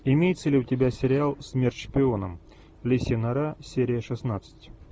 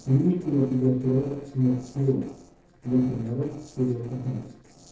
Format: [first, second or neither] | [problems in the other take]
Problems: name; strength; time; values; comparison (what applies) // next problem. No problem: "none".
first | noise reduction (neural separator model SepFormer DNS4)